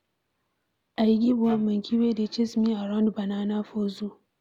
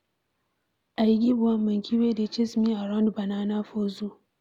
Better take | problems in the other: second | background sound (Wind instrument, woodwind instrument); 14 dB below the speech

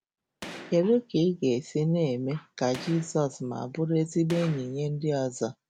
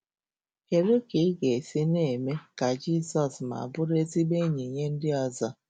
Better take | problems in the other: second | background sound (Gunshot, gunfire); 18 dB below the speech

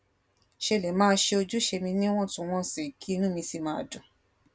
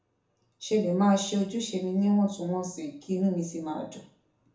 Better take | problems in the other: first | room echo; dies away in 0.5 s

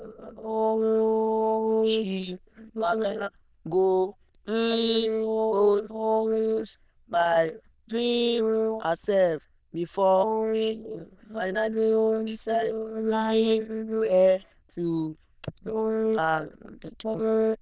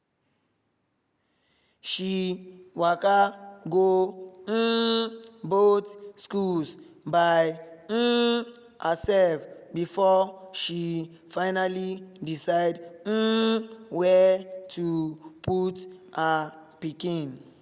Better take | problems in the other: second | noise reduction (neural diffusion model UNIVERSE++)

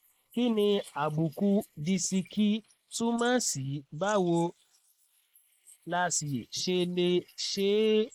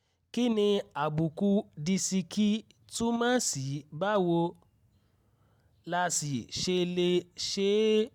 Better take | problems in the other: second | noise reduction (neural mask model Resemble Enhance denoiser)

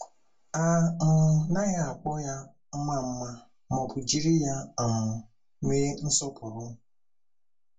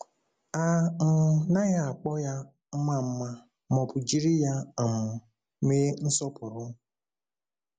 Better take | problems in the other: second | room echo; dies away in 0.1 s

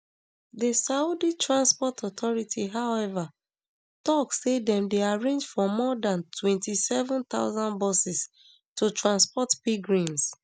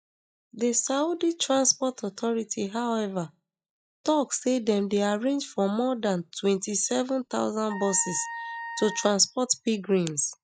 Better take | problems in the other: first | noise reduction (classical method log-MMSE)

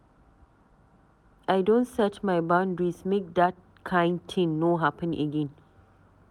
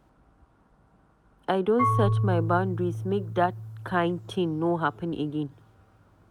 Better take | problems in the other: first | background sound (Marimba, xylophone / Wood); 3 dB below the speech

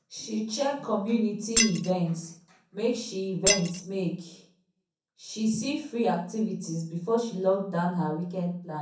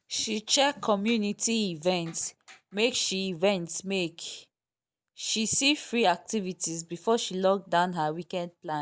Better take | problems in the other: second | background sound (Shatter); 2 dB above the speech // room echo; dies away in 0.6 s

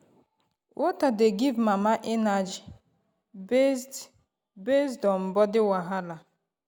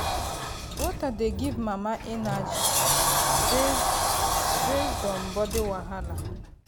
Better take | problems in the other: first | background sound (Sliding door); 5 dB above the speech

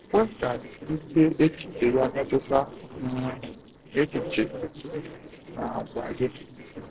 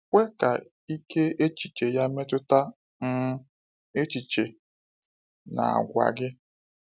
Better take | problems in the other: second | noise reduction (neural separator model SepFormer DNS4)

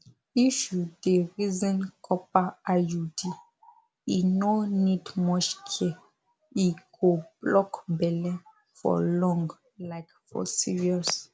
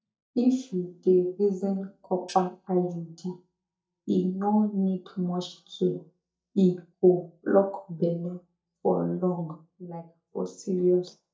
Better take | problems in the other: first | noise reduction (neural mask model DeepFilterNet 3)

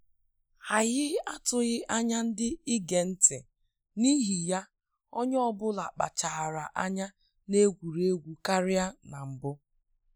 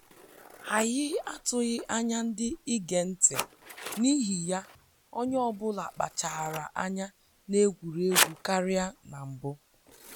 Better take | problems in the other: first | background sound (Scissors); 8 dB below the speech

